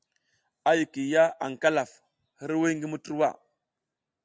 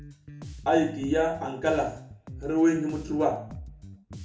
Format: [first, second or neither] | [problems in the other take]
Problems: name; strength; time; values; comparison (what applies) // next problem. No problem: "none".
first | background sound (Bass guitar); 14 dB below the speech // room echo; dies away in 0.7 s